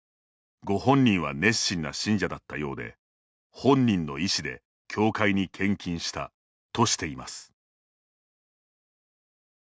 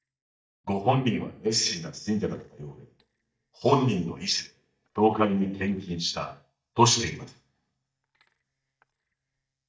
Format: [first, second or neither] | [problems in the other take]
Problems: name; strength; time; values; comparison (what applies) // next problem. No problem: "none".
first | noise reduction (neural mask model DeepFilterNet 3)